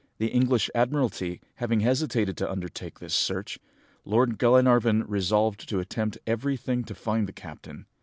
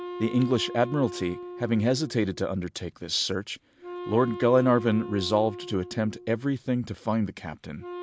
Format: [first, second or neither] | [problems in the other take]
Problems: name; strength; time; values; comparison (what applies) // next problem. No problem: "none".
first | background sound (Wind instrument, woodwind instrument); 13 dB below the speech